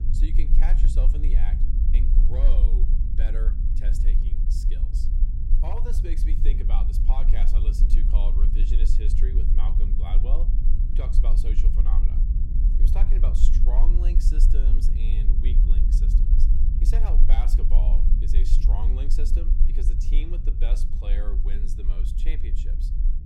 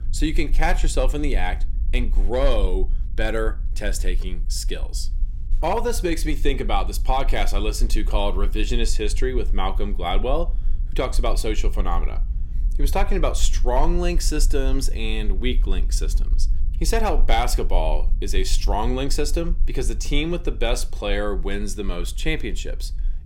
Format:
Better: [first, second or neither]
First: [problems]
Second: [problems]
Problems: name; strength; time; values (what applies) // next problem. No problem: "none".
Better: second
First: low rumble; loud; throughout; 3 dB below the speech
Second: low rumble; faint; throughout; 25 dB below the speech